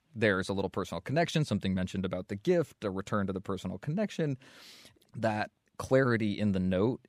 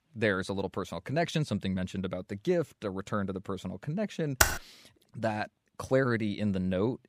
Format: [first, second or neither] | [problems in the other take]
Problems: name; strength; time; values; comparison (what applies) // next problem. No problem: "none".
first | keyboard typing; loud; at 4.5 s; peak 6 dB above the speech